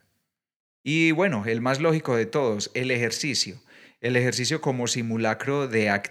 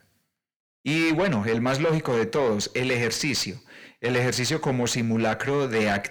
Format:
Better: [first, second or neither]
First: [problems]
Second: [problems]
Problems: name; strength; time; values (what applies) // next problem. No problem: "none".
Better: first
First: none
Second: distortion; heavy; 8 dB below the speech